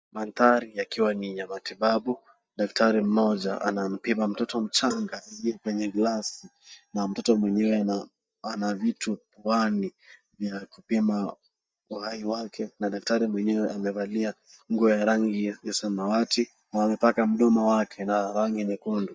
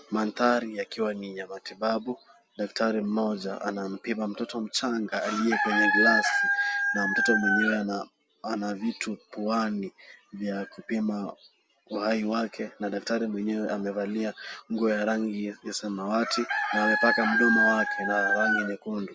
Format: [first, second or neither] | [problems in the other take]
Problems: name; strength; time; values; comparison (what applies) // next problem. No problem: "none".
second | noise reduction (neural mask model DeepFilterNet 3)